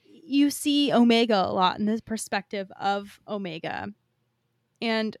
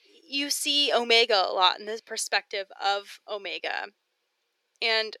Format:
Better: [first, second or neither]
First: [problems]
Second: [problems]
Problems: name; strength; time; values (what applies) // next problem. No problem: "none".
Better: first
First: none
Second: thin; very; fading below 450 Hz